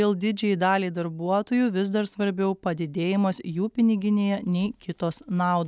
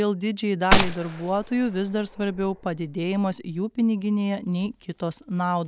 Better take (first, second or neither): first